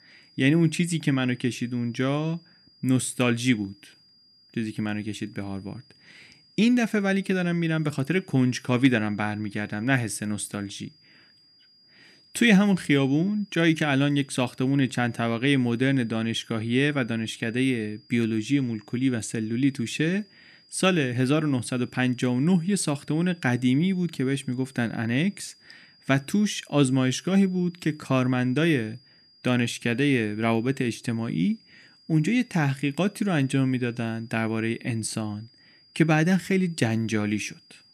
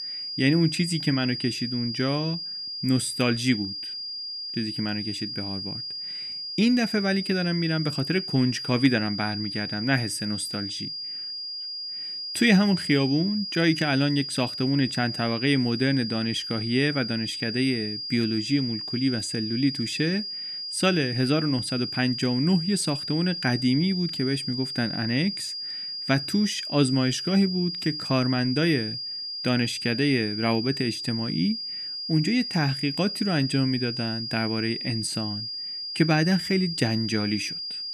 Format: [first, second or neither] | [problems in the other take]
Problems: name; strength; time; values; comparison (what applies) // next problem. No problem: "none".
first | high-pitched whine; loud; throughout; 5 kHz, 5 dB below the speech; faint in the first